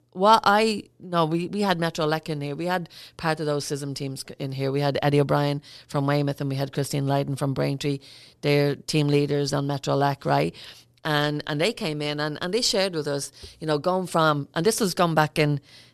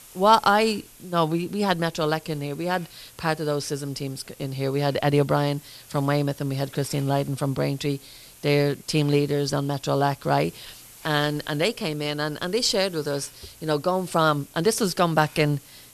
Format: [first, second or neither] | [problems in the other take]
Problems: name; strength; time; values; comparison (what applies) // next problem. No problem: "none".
first | hiss; faint; throughout; 20 dB below the speech